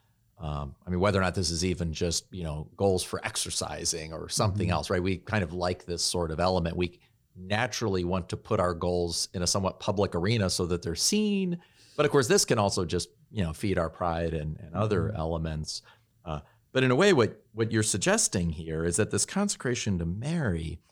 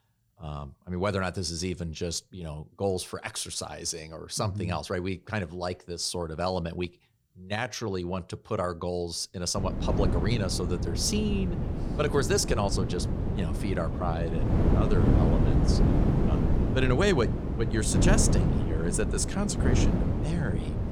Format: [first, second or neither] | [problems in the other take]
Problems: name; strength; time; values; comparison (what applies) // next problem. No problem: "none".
first | wind noise on the microphone; heavy; from 9.5 s on; 3 dB below the speech